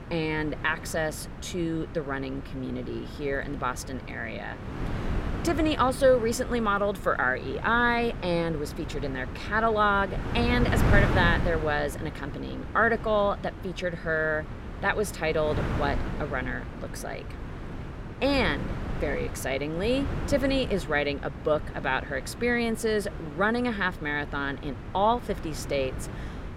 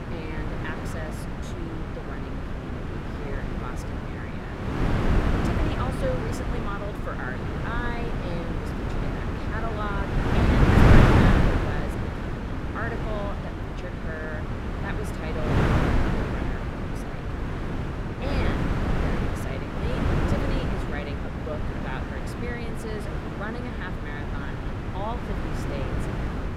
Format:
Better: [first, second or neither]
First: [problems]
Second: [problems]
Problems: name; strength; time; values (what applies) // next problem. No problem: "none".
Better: first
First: wind noise on the microphone; occasional gusts; 10 dB below the speech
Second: wind noise on the microphone; heavy; 5 dB above the speech